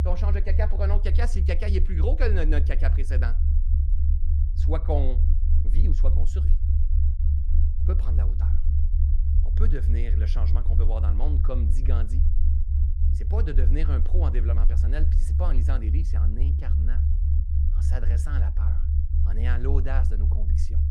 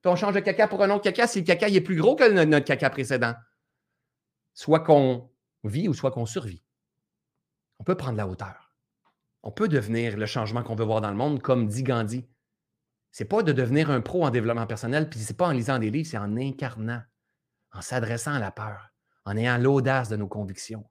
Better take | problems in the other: second | low rumble; loud; throughout; 6 dB below the speech

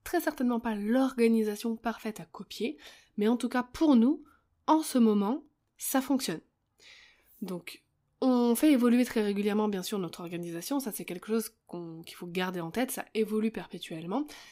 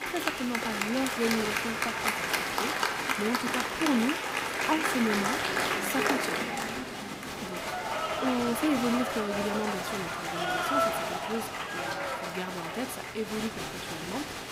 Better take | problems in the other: first | crowd noise; very loud; throughout; 3 dB above the speech

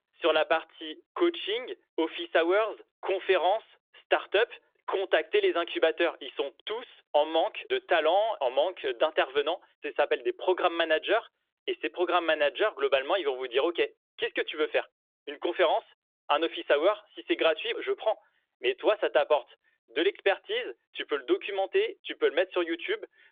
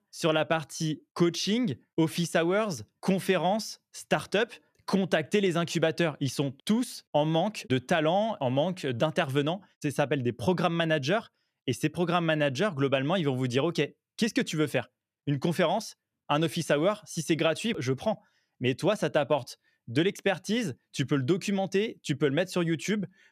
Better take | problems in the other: second | phone-call audio; nothing above 3.5 kHz

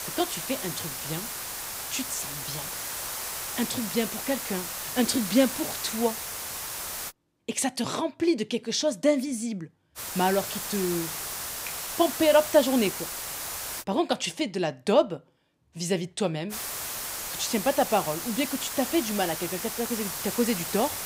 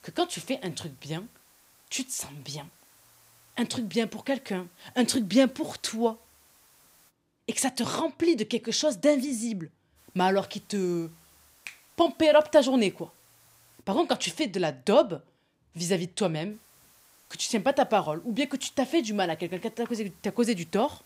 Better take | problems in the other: second | hiss; loud; until 7 s, from 10 to 14 s and from 17 s on; 5 dB below the speech; faint in the second

